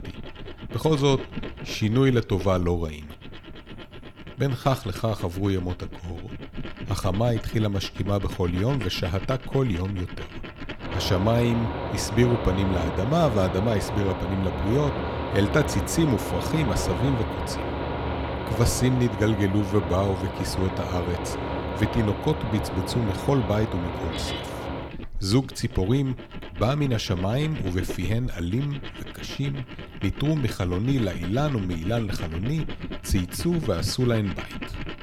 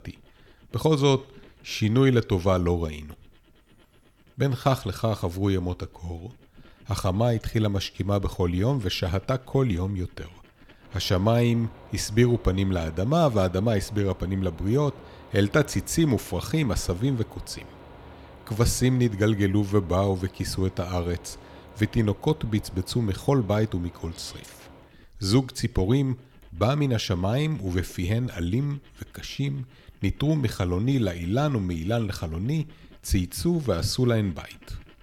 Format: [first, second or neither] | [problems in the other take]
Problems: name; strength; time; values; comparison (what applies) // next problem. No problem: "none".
second | machinery noise; loud; throughout; 7 dB below the speech; faint in the second